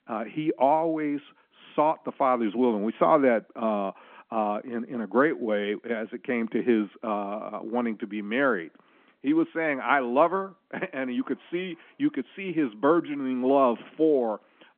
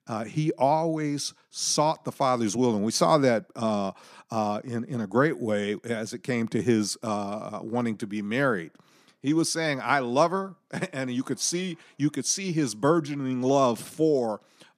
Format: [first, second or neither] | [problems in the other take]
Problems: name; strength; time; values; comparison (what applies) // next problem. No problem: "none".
second | phone-call audio